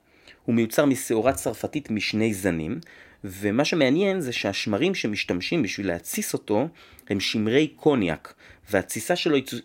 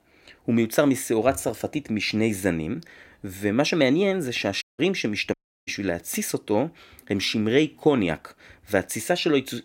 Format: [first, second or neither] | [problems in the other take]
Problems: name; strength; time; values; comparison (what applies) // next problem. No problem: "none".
first | audio cutting out; at 4.5 s and at 5.5 s